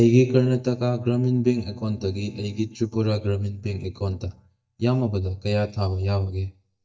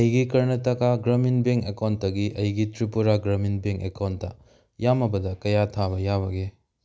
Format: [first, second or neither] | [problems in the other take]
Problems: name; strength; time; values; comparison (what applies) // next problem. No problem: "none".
second | noise reduction (neural mask model DeepFilterNet 3)